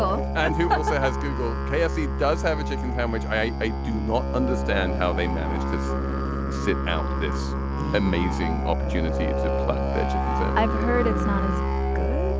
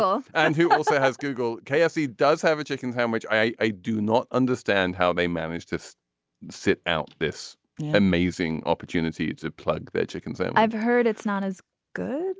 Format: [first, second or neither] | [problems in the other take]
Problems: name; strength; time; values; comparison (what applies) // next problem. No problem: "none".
second | background sound (Musical instrument); 2 dB above the speech